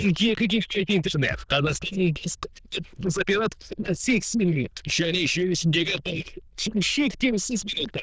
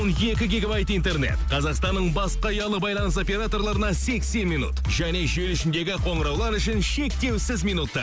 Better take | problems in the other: second | noise reduction (neural diffusion model UNIVERSE++)

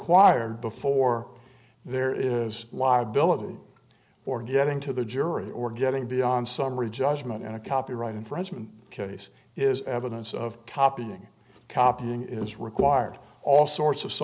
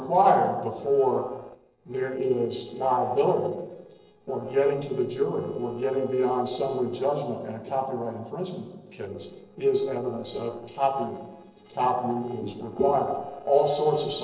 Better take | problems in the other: first | noise reduction (neural separator model SepFormer DNS4)

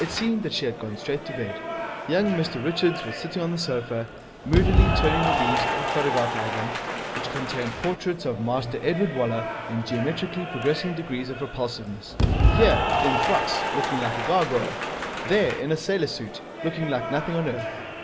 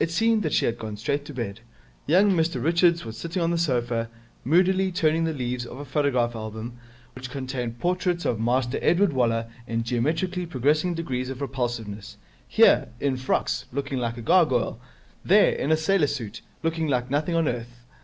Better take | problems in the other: second | background sound (Applause / Cheering); as loud as the speech

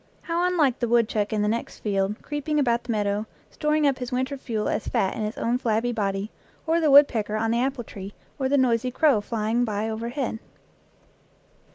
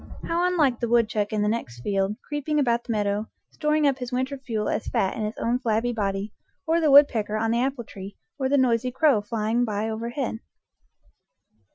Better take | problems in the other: first | noise reduction (classical method Wiener filter)

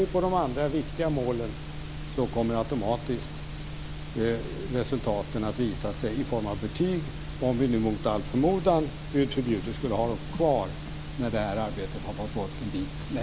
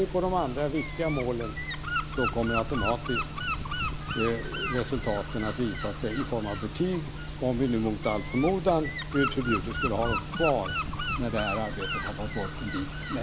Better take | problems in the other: first | background sound (Gull, seagull / Wind); 6 dB below the speech

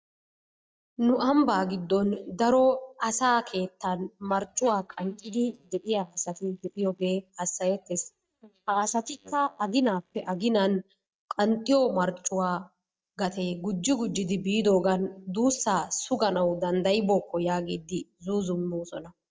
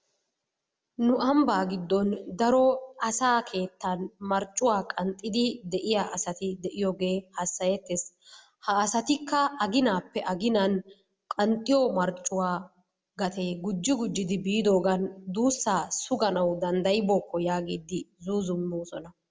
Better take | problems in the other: second | noise reduction (neural mask model DeepFilterNet 3)

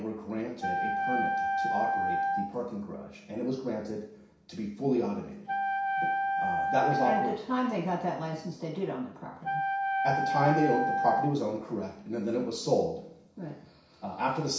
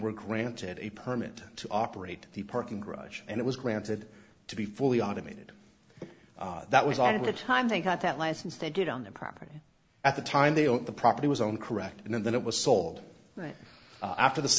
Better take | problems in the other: second | background sound (Wind instrument, woodwind instrument); 1 dB above the speech // room echo; dies away in 0.6 s

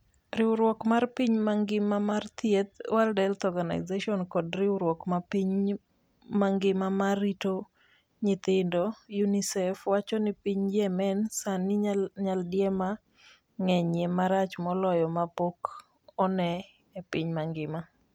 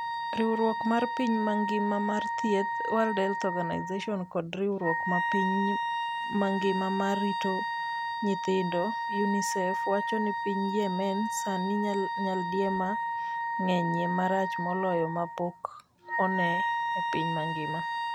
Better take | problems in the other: first | background sound (Wind instrument, woodwind instrument); 1 dB below the speech

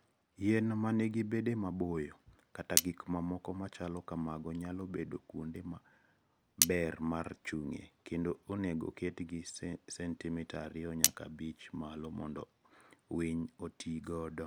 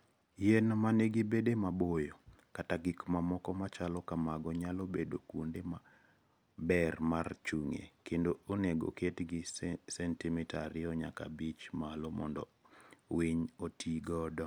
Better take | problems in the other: second | background sound (Cutlery, silverware); 1 dB above the speech

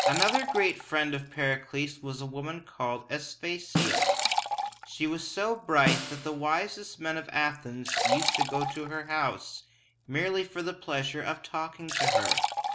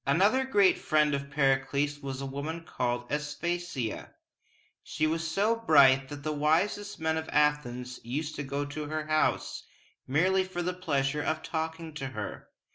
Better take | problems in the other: second | background sound (Liquid + Snare drum); 1 dB below the speech

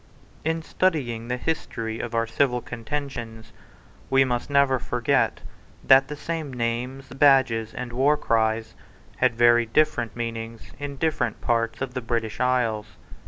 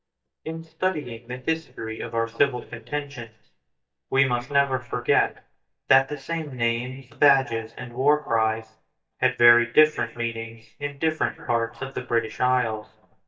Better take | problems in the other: first | noise reduction (neural mask model DeepFilterNet 3)

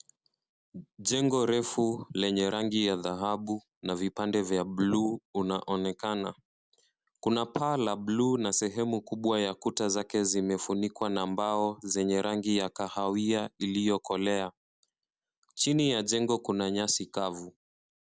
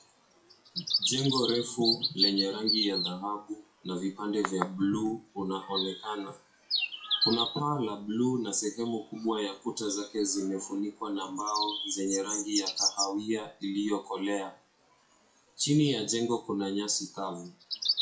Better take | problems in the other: first | noise reduction (classical method WPE with log-MMSE)

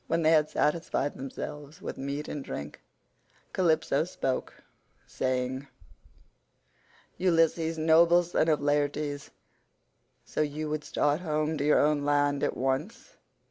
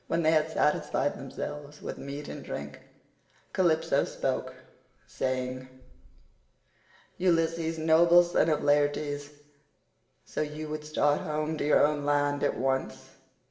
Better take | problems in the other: first | room echo; dies away in 0.8 s

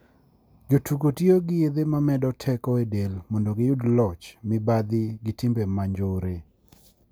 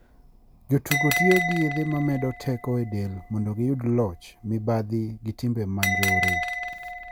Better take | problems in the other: first | background sound (Bell); 4 dB below the speech

